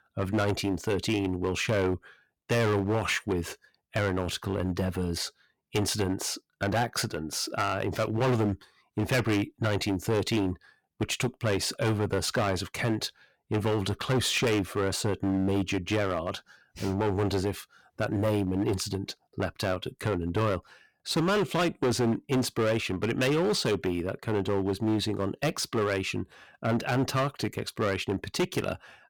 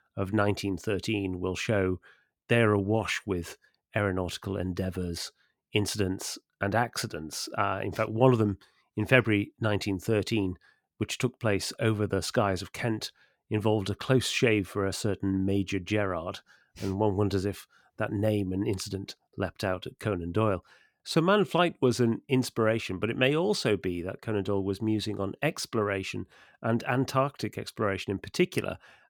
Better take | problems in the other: second | distortion; heavy; 11% of the sound clipped

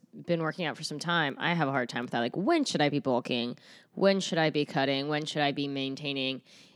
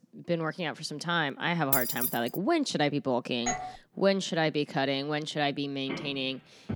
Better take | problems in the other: first | jangling keys; loud; at 1.5 s; peak 4 dB above the speech // doorbell; noticeable; at 3.5 s; peak 3 dB below the speech // phone ringing; noticeable; at 6 s; peak 10 dB below the speech

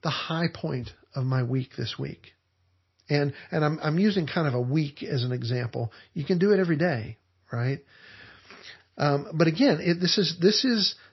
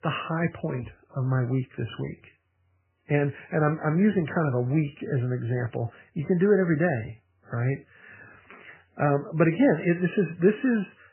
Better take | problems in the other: first | garbled, watery; badly; nothing above 3 kHz; slightly in the first

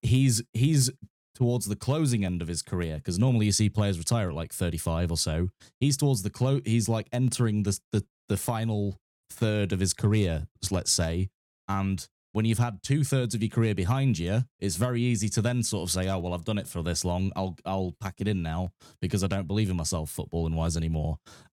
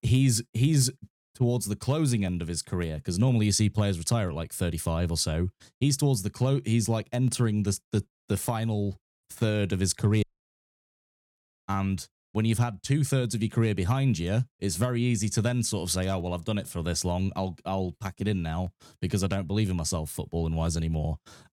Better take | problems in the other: first | audio cutting out; at 10 s for 1 s

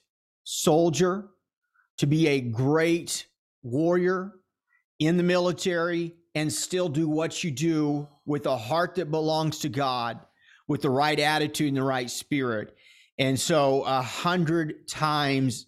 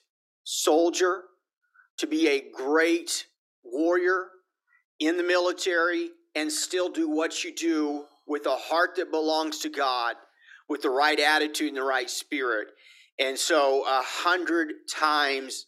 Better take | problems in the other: first | thin; very; fading below 300 Hz

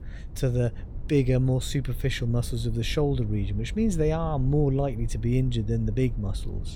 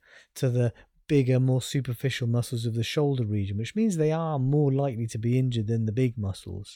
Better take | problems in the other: second | low rumble; faint; throughout; 20 dB below the speech

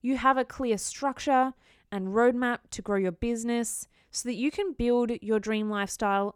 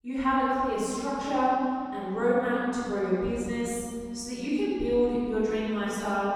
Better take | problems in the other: first | room echo; strong; dies away in 2.4 s // off-mic speech; far

